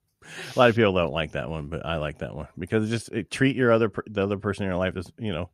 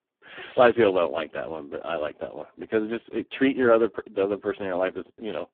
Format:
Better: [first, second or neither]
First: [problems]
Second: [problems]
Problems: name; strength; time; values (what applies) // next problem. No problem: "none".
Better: first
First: none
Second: phone-call audio; poor line